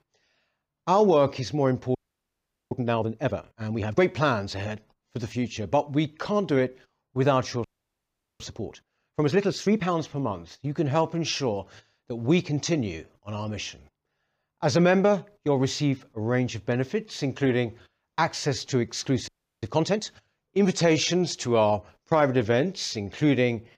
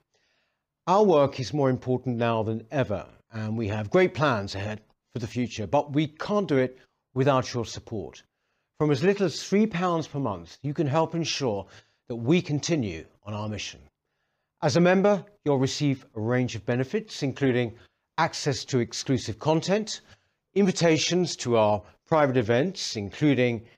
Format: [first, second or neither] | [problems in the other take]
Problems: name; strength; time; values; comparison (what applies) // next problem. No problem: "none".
second | audio freezing; at 2 s for 1 s, at 7.5 s for 1 s and at 19 s